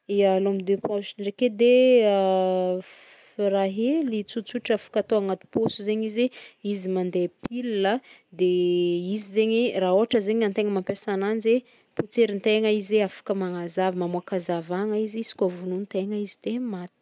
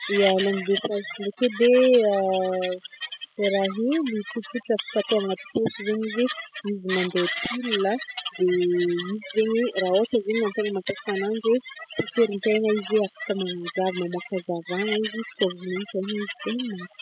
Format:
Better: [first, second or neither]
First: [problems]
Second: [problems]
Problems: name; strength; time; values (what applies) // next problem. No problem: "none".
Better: first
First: none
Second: noise reduction (classical method spectral subtraction)